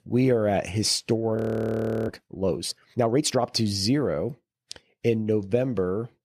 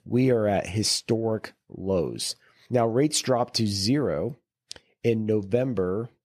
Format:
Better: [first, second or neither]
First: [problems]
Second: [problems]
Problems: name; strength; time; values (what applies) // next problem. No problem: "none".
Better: second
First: audio freezing; at 1.5 s for 0.5 s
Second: none